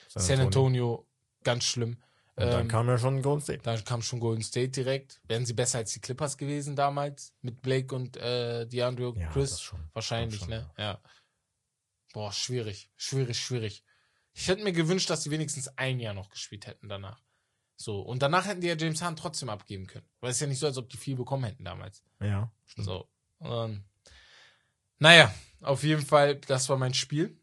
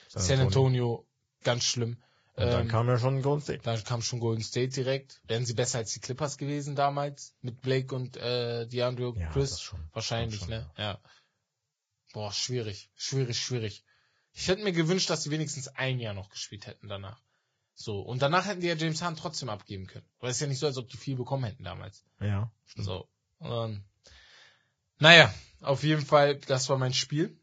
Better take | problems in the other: first | garbled, watery; badly; nothing above 7.5 kHz; slightly in the first

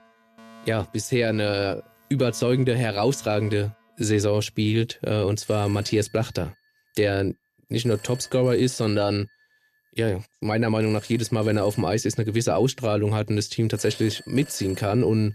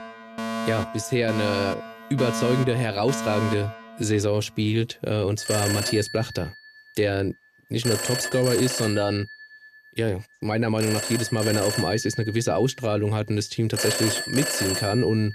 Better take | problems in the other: first | alarms or sirens; loud; throughout; 4 dB below the speech; faint in the first

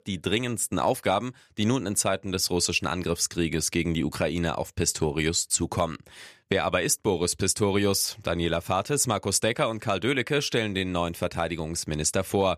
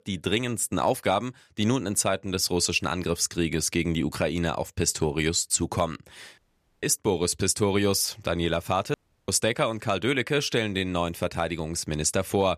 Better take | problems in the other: first | audio cutting out; at 6.5 s and at 9 s

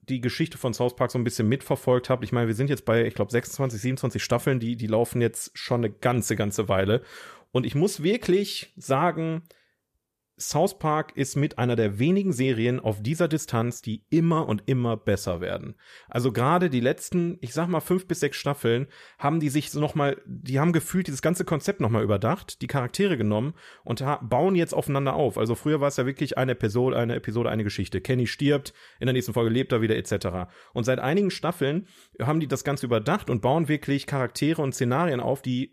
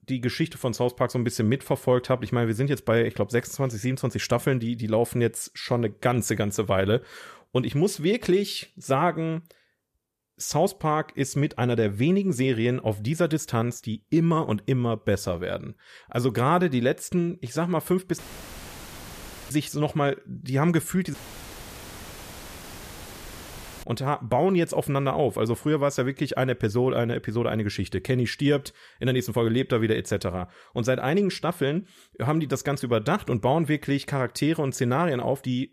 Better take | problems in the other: first | audio cutting out; filled with static; at 18 s for 1.5 s and at 21 s for 2.5 s

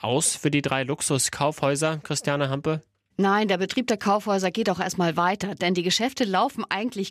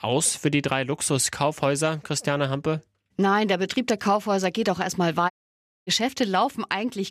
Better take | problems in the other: first | audio cutting out; at 5.5 s for 0.5 s

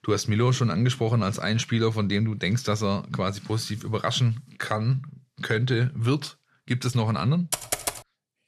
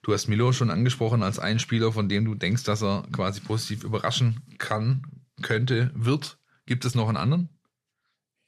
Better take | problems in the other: second | keyboard typing; noticeable; at 7.5 s; peak 3 dB below the speech

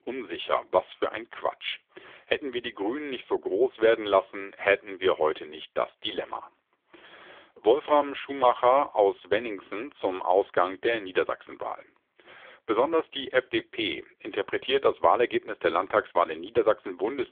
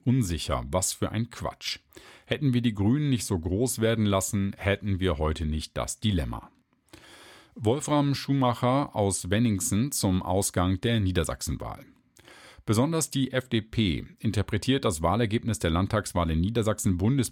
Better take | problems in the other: second | phone-call audio; poor line; nothing above 3.5 kHz

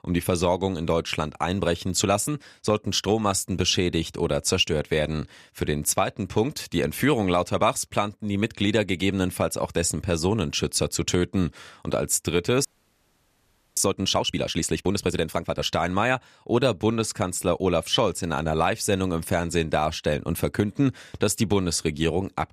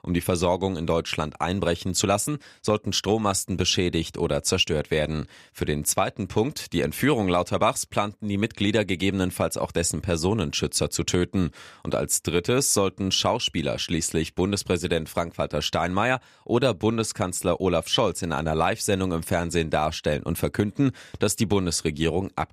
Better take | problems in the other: second | audio freezing; at 13 s for 1 s

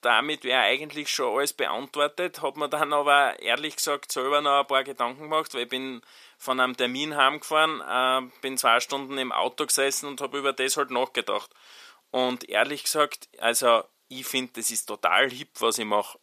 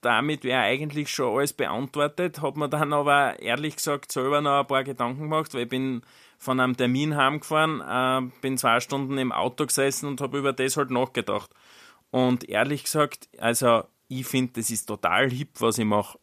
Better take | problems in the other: second | thin; somewhat; fading below 450 Hz

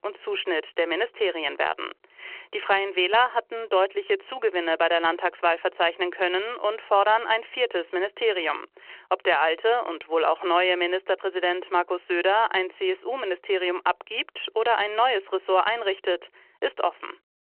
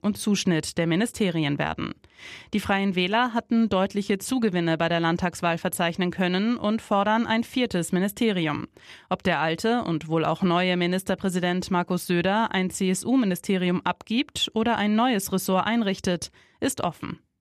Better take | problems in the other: second | phone-call audio

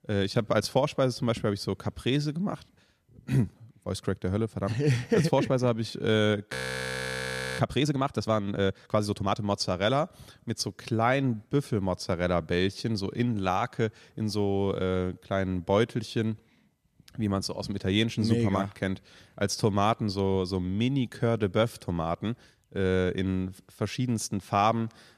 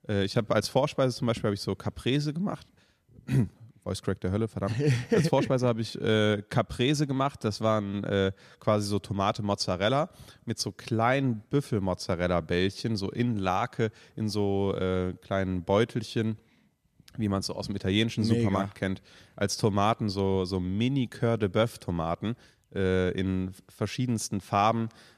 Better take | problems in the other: second | audio freezing; at 6.5 s for 1 s

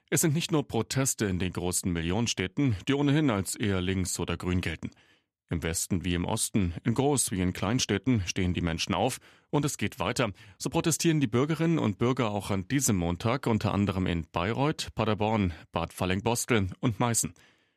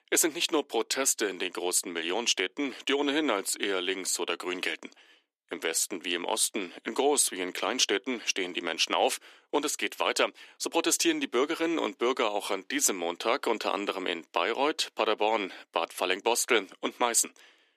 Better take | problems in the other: first | thin; somewhat; fading below 350 Hz

